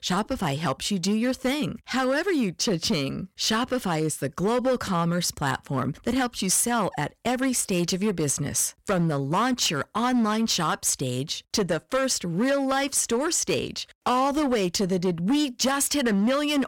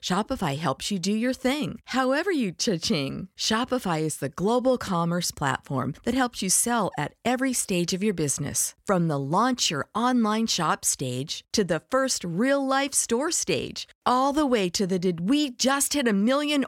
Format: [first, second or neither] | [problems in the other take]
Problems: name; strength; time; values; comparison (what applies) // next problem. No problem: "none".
second | distortion; slight; 9% of the sound clipped